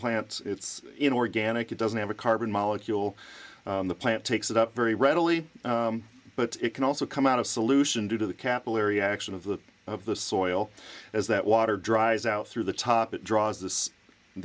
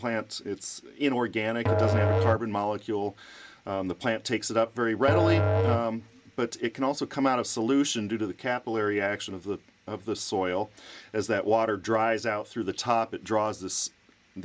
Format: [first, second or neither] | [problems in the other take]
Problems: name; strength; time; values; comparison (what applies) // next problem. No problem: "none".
first | background sound (Musical instrument); as loud as the speech